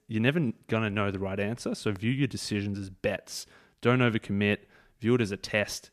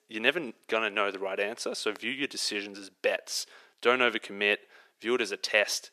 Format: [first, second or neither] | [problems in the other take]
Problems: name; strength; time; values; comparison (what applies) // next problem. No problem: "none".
first | thin; very; fading below 400 Hz